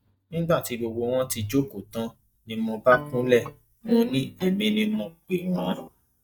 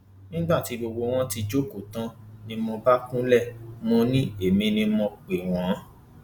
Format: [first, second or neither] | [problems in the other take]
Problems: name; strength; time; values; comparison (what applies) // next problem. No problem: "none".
second | noise reduction (neural mask model DeepFilterNet 3)